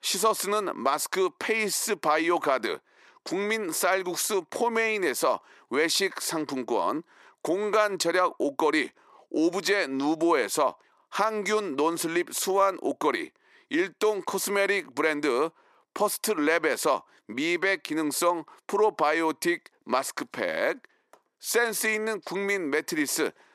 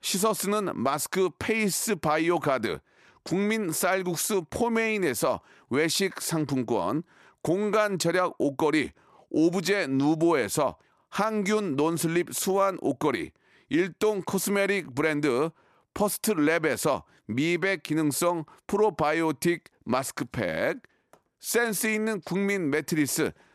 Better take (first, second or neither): second